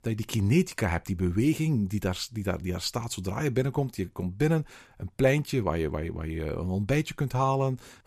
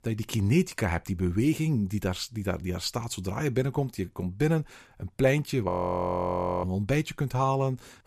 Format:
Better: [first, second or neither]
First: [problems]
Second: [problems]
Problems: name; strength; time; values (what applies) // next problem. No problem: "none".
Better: first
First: none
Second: audio freezing; at 5.5 s for 1 s